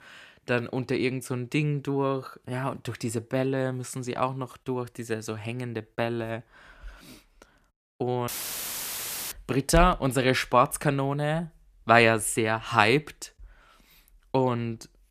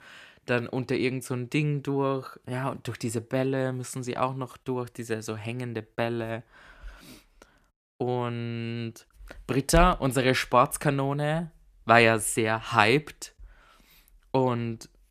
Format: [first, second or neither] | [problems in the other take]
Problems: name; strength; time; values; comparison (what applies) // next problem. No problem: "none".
second | audio cutting out; filled with static; at 8.5 s for 1 s